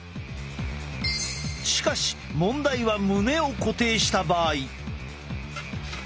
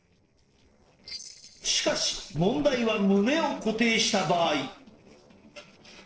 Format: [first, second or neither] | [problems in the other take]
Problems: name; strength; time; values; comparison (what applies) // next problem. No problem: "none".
first | noise reduction (neural separator model SepFormer DNS4)